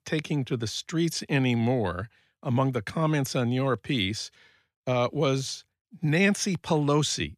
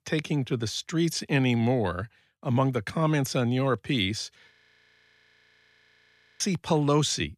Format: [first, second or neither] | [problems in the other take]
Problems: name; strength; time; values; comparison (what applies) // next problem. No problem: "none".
first | audio freezing; at 4.5 s for 2 s